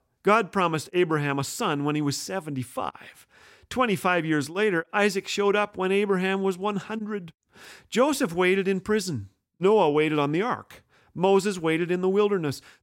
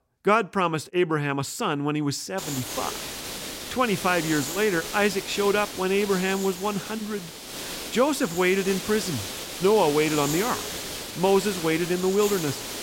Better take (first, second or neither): first